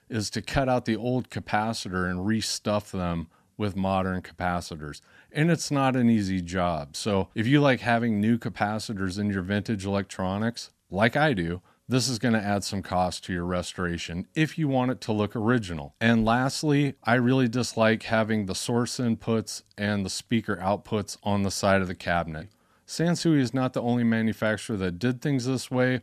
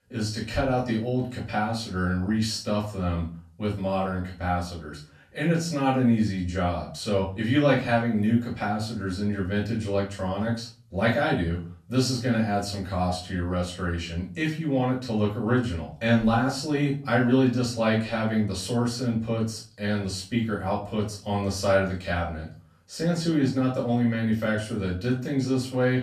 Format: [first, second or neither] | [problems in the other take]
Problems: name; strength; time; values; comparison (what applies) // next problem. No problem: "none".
first | room echo; slight; dies away in 0.3 s // off-mic speech; far